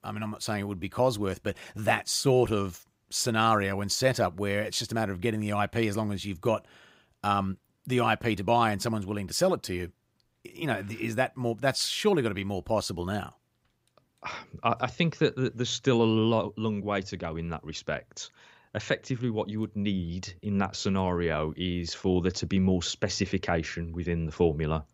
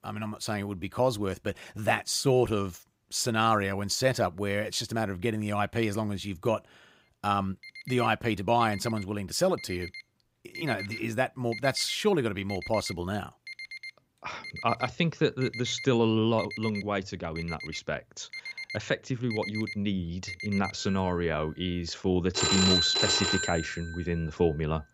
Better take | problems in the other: first | alarms or sirens; loud; from 7.5 s on; 4 dB below the speech

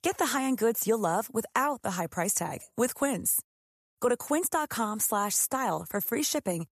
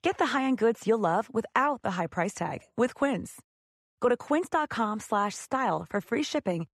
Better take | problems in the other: first | muffled; slightly; fading above 3 kHz

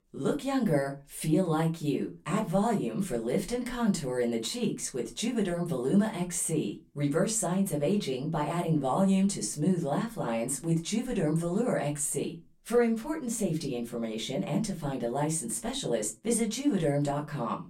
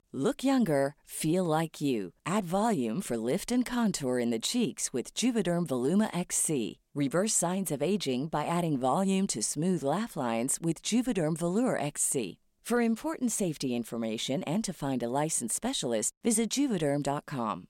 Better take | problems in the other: second | off-mic speech; far // room echo; very slight; dies away in 0.2 s

